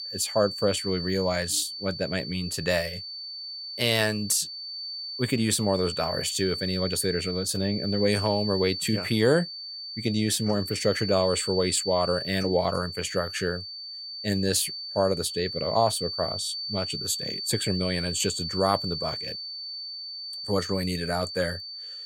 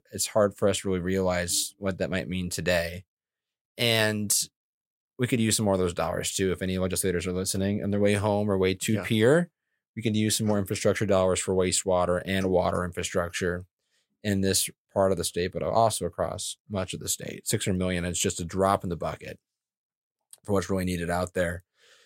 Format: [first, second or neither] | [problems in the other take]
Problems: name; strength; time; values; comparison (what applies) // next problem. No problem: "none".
second | high-pitched whine; loud; throughout; 4.5 kHz, 6 dB below the speech